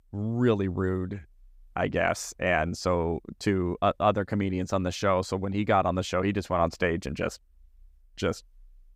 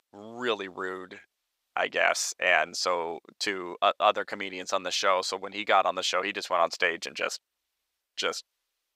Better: first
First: none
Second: thin; very; fading below 600 Hz

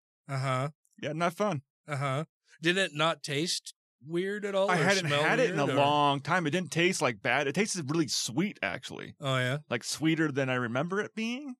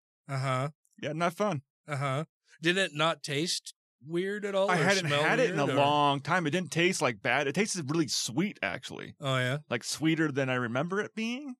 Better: neither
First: none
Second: none

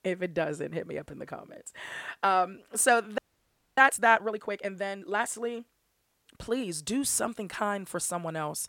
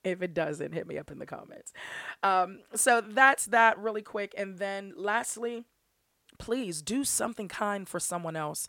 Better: second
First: audio freezing; at 3 s for 0.5 s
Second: none

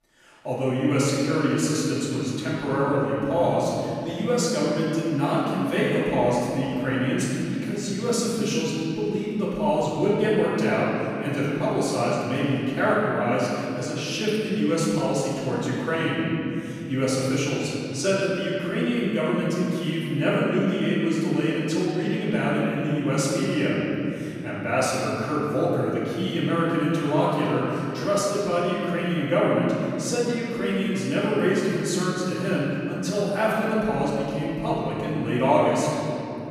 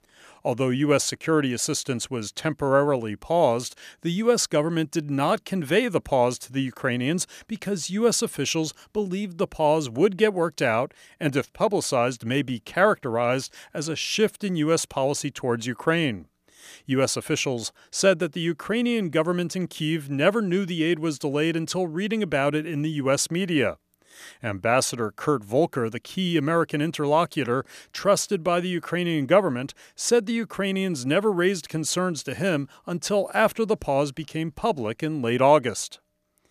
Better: second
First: off-mic speech; far // room echo; strong; dies away in 3 s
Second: none

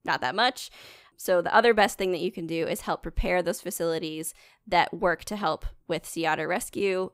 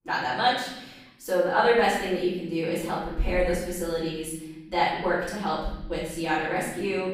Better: first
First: none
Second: off-mic speech; far // room echo; noticeable; dies away in 1.1 s

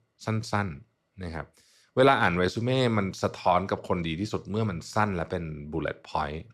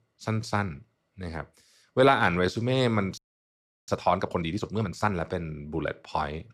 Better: first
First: none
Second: audio freezing; at 3 s for 0.5 s

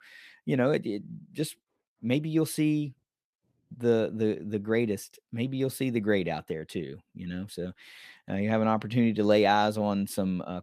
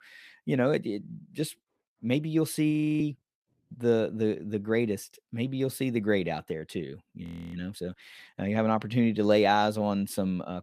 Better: first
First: none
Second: audio freezing; at 2.5 s and at 7 s

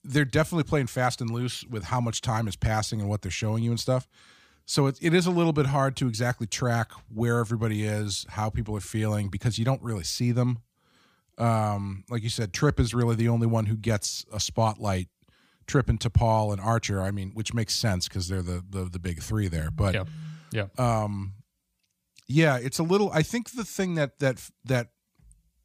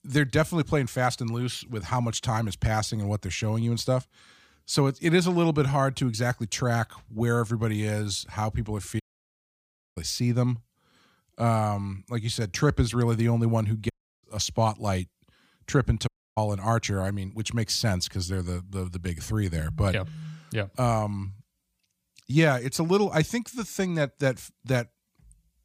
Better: first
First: none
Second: audio cutting out; at 9 s for 1 s, at 14 s and at 16 s

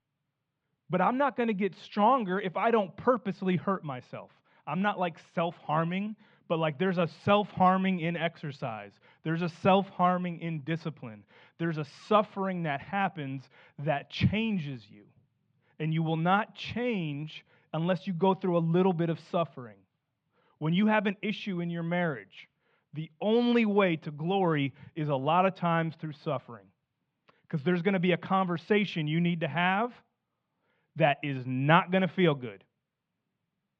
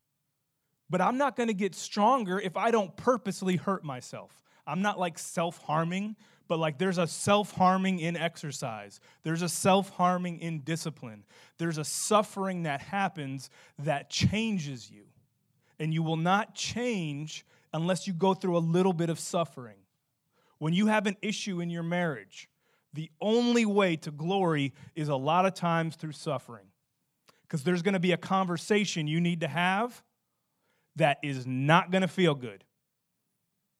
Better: second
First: muffled; very; fading above 3.5 kHz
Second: none

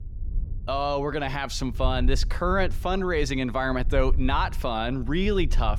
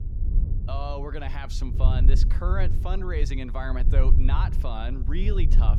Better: first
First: low rumble; faint; throughout; 25 dB below the speech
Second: low rumble; loud; throughout; 9 dB below the speech

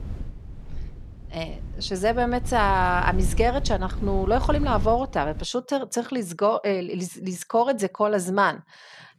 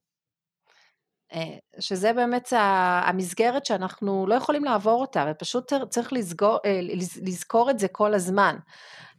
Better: second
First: wind noise on the microphone; occasional gusts; until 5.5 s; 20 dB below the speech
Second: none

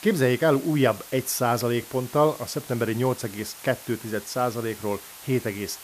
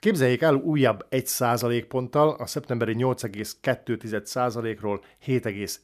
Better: second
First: hiss; noticeable; throughout; 15 dB below the speech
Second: none

